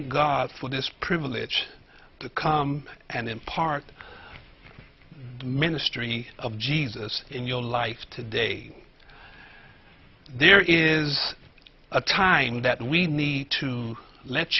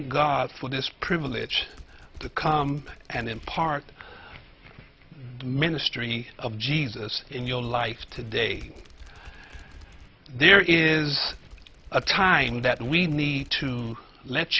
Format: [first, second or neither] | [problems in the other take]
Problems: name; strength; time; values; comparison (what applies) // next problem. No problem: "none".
first | background sound (Typing); 19 dB below the speech